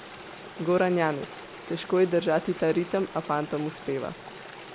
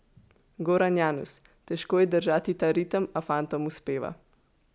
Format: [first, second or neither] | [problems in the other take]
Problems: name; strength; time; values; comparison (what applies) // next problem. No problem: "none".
second | background sound (Stream); 15 dB below the speech